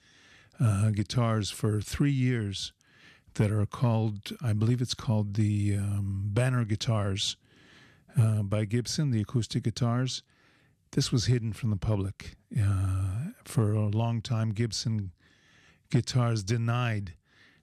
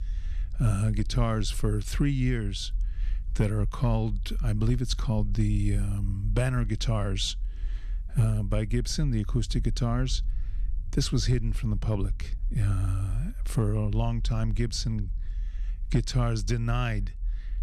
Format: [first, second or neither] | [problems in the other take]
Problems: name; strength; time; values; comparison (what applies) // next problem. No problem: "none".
first | low rumble; faint; throughout; 25 dB below the speech